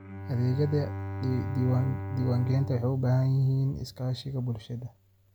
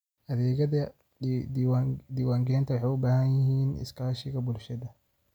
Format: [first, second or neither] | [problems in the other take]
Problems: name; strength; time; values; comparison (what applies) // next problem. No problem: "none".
second | background sound (Bowed string instrument); 9 dB below the speech